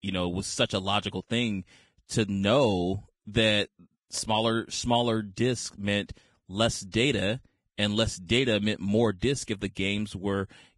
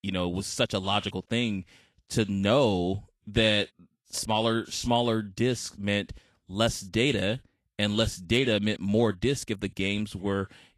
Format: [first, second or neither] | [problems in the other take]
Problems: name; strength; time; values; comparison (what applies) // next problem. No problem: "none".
second | garbled, watery; badly; nothing above 10.5 kHz; slightly in the second